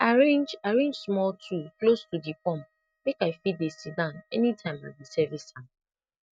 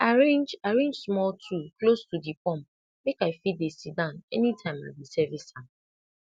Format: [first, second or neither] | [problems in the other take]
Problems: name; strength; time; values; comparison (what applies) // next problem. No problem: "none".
second | noise reduction (neural mask model RNNoise)